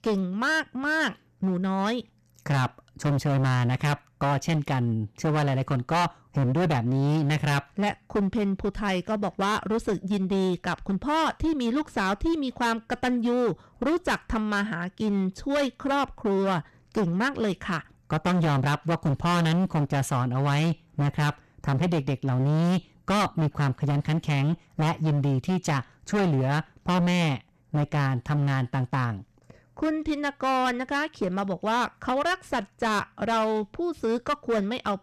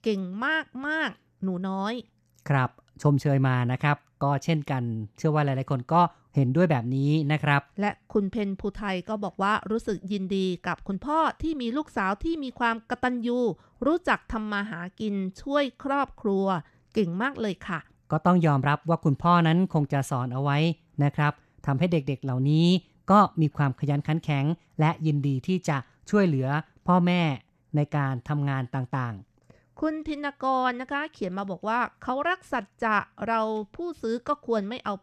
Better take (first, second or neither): second